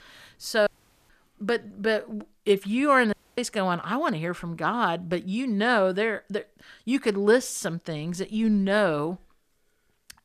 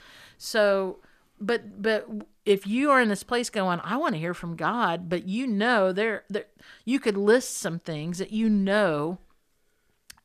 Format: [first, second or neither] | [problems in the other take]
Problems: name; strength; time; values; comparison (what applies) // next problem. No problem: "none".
second | audio cutting out; at 0.5 s and at 3 s